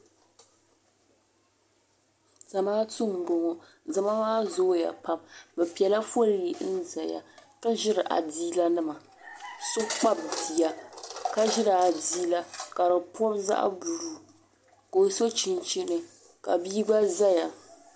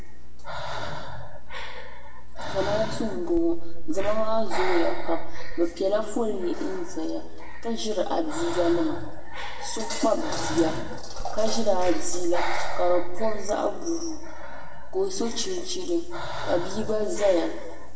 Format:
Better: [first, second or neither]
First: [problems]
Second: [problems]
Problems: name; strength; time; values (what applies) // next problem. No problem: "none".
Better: first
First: none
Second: background sound (Breathing); 5 dB above the speech // room echo; dies away in 1 s